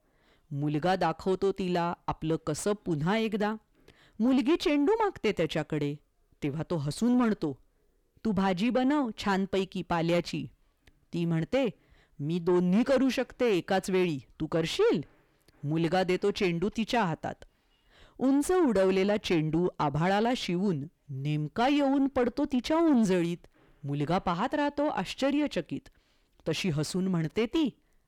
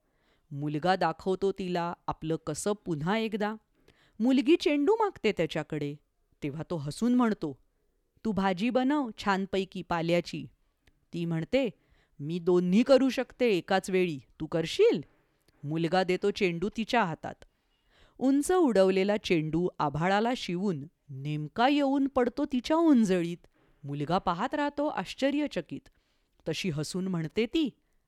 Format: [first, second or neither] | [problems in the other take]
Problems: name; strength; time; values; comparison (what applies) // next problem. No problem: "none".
second | distortion; slight; 10 dB below the speech